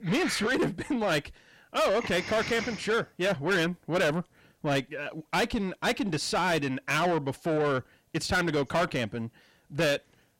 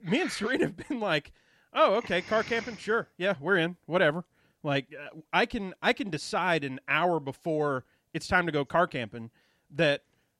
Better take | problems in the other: second | distortion; heavy; 7 dB below the speech

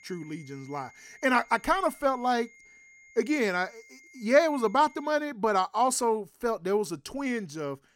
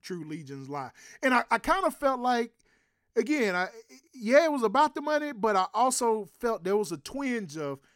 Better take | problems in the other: second | high-pitched whine; faint; until 5 s; 2 kHz, 25 dB below the speech

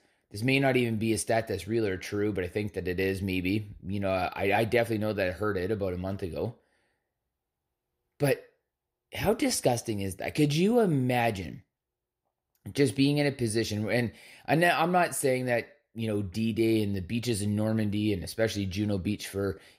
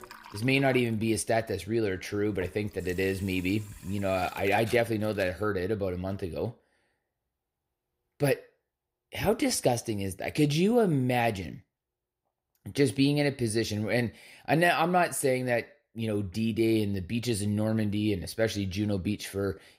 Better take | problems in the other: first | household noises; very faint; until 5 s; 20 dB below the speech

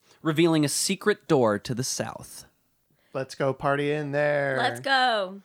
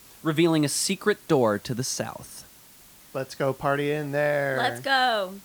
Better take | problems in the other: first | hiss; faint; throughout; 25 dB below the speech

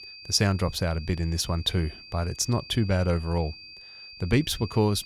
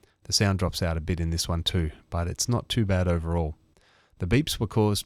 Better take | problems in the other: second | high-pitched whine; noticeable; throughout; 4.5 kHz, 15 dB below the speech

